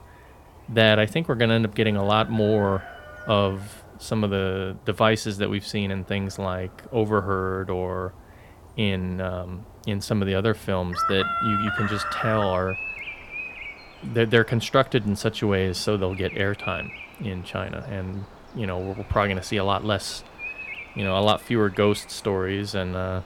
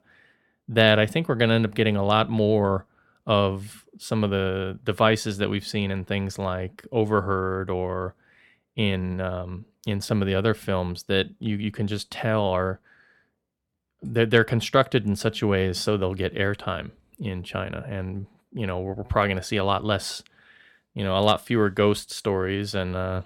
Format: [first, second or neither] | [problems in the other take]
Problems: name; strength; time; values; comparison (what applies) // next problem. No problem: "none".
second | animal sounds; loud; throughout; 8 dB below the speech